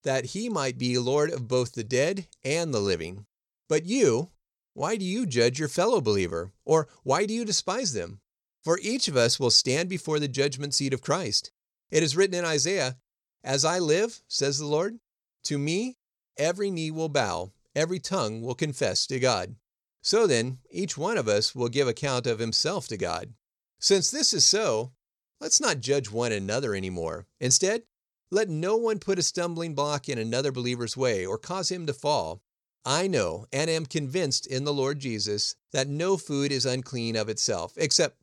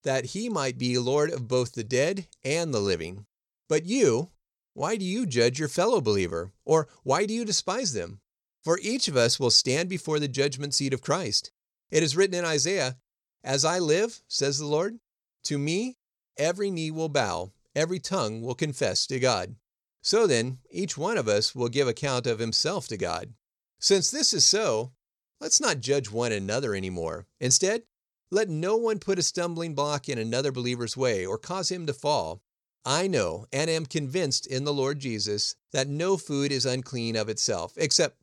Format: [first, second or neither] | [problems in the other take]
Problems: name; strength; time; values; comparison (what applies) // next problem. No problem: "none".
neither | none